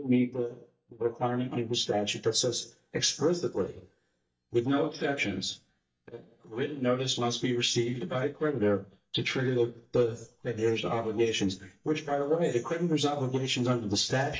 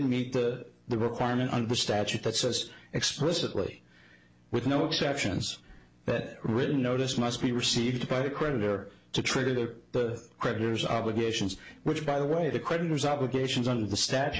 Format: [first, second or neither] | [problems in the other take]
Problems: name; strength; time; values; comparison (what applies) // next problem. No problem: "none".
second | noise reduction (neural mask model DeepFilterNet 3)